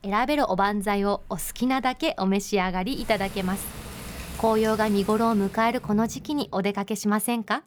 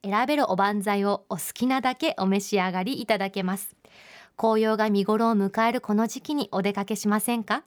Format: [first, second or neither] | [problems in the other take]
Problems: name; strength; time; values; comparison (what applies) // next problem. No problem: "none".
second | rain or running water; noticeable; until 5.5 s; 15 dB below the speech